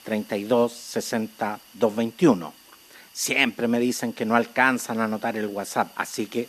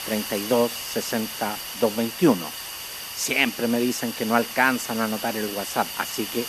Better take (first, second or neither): first